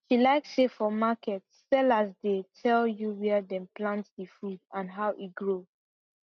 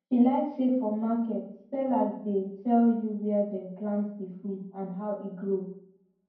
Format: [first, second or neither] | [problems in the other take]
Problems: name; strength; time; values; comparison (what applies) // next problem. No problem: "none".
first | room echo; dies away in 0.9 s